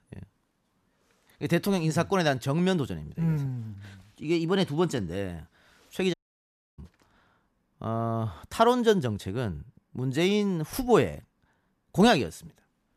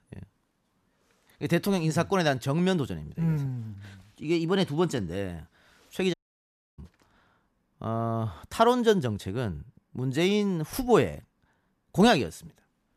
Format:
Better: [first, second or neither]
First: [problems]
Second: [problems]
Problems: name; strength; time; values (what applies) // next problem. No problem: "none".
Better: neither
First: audio cutting out; at 6 s for 0.5 s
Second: audio cutting out; at 6 s for 0.5 s